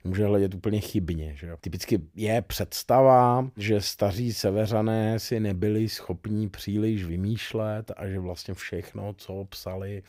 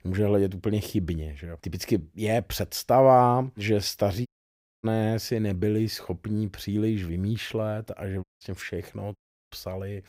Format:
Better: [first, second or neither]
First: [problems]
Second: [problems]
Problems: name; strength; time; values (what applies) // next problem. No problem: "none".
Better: first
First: none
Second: audio cutting out; at 4.5 s for 0.5 s, at 8 s and at 9 s